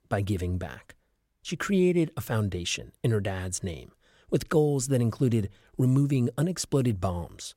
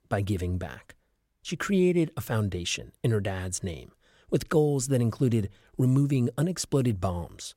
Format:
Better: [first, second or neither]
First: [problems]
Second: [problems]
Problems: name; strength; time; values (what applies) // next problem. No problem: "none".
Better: neither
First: none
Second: none